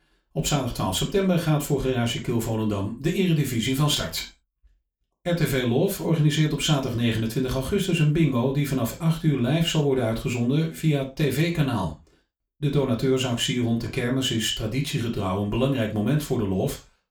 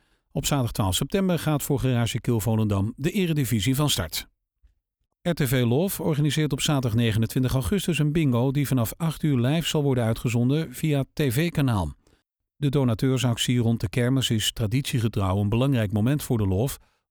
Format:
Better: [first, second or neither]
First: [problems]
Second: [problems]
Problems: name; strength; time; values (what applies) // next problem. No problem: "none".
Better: second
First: room echo; slight; dies away in 0.3 s // off-mic speech; somewhat distant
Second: none